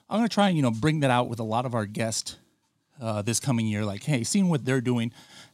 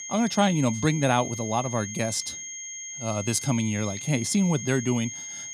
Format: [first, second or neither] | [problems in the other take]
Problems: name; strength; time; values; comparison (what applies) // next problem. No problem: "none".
first | high-pitched whine; loud; throughout; 6.5 kHz, 9 dB below the speech